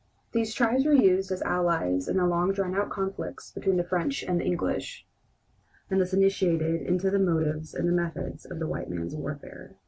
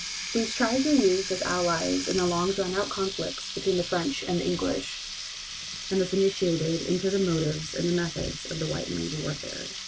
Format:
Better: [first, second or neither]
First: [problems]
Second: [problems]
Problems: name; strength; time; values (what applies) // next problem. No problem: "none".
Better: first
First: none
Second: background sound (Water tap, faucet); 8 dB below the speech